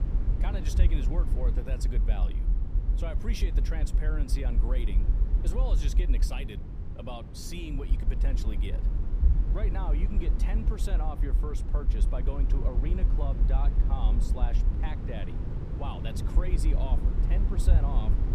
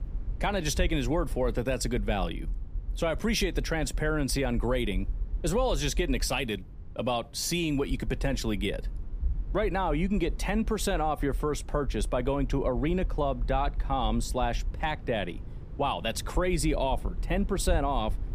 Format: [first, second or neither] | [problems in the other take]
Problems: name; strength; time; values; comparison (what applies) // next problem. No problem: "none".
second | low rumble; loud; throughout; 5 dB below the speech; faint in the second